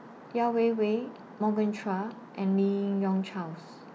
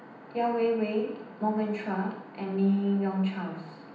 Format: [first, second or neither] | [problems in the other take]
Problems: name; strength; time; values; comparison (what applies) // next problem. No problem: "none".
first | room echo; dies away in 0.9 s